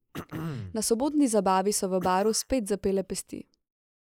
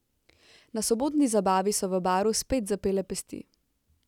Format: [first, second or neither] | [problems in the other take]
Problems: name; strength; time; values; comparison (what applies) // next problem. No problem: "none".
second | noise reduction (neural mask model Resemble Enhance denoiser)